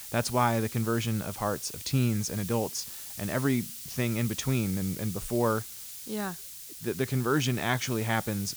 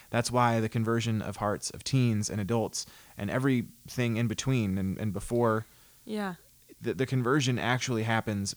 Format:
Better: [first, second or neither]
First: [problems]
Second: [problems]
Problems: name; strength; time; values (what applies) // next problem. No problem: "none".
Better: second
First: hiss; loud; throughout; 9 dB below the speech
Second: hiss; faint; throughout; 25 dB below the speech